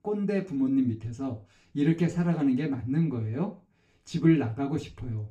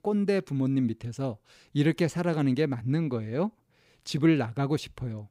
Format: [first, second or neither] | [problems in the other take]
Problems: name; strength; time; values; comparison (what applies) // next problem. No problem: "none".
second | room echo; very slight; dies away in 0.3 s // off-mic speech; far